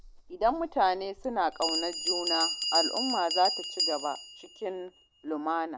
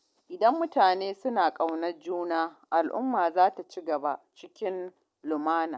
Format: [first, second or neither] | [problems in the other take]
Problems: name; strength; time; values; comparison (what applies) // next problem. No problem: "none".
second | background sound (Bell); 3 dB below the speech